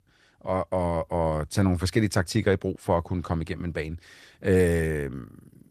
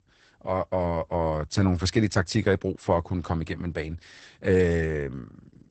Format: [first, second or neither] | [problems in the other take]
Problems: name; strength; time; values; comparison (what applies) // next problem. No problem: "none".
first | garbled, watery; badly; nothing above 8 kHz; slightly in the first